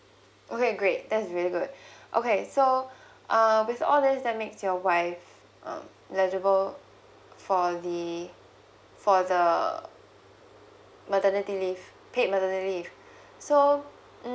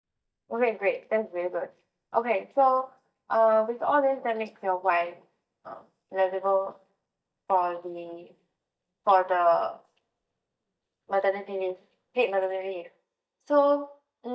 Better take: first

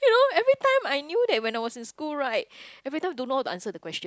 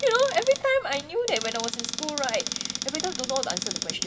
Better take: first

